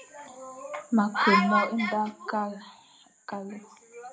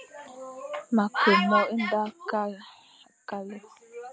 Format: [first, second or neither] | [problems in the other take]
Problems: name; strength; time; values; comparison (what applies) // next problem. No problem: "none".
second | room echo; dies away in 0.3 s